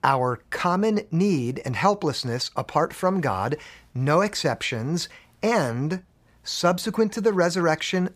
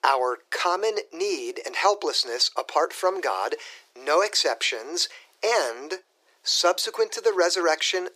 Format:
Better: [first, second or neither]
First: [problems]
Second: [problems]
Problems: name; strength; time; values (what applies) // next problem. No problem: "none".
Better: first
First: none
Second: thin; very; fading below 350 Hz